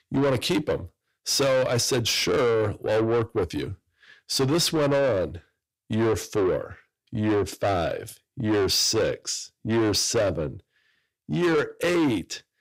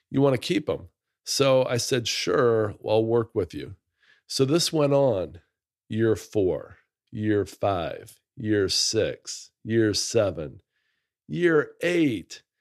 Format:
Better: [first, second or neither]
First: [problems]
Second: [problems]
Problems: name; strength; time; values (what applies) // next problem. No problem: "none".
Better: second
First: distortion; heavy; 8 dB below the speech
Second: none